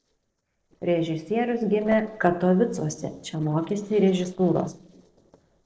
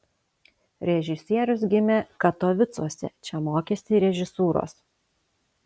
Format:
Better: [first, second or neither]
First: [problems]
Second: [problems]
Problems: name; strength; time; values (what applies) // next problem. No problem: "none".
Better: second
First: noise reduction (neural separator model SepFormer DNS4)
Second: none